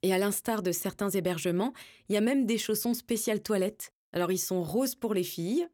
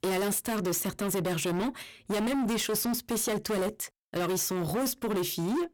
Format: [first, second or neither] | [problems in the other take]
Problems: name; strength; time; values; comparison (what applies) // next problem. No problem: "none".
first | distortion; heavy; 30% of the sound clipped